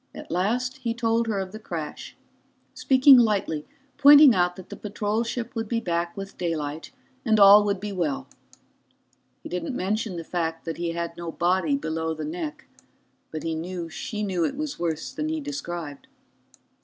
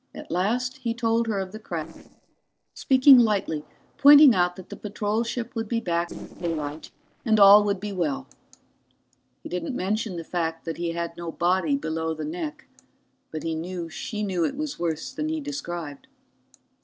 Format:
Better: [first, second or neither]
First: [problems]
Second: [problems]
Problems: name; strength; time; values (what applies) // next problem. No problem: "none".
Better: first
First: none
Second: noise reduction (neural separator model SepFormer DNS4)